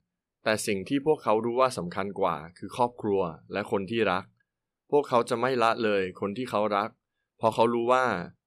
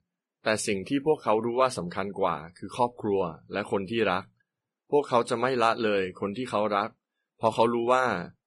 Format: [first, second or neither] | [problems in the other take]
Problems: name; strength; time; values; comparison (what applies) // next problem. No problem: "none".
first | garbled, watery; badly; nothing above 10.5 kHz